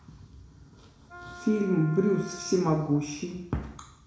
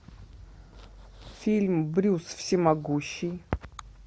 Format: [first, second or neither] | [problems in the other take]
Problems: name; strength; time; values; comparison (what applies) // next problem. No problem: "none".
second | background sound (Wind instrument, woodwind instrument); 16 dB below the speech // room echo; dies away in 0.6 s